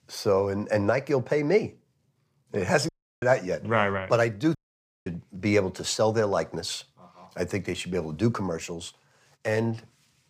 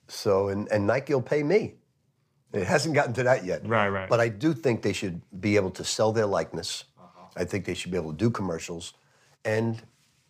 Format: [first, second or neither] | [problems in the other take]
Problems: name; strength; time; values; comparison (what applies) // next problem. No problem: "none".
second | audio cutting out; at 3 s and at 4.5 s for 0.5 s